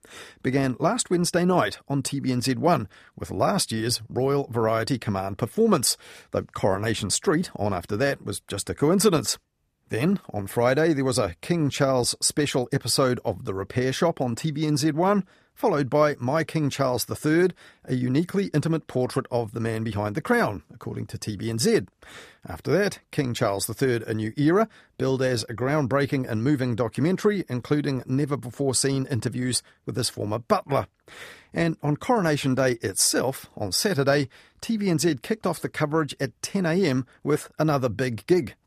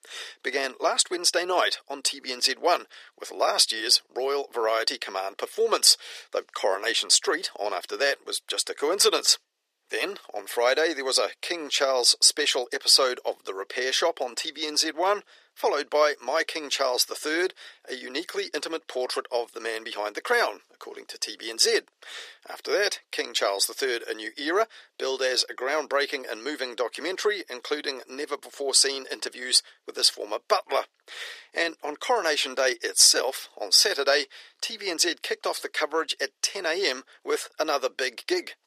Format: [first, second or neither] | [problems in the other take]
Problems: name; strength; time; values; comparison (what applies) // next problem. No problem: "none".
first | thin; very; fading below 400 Hz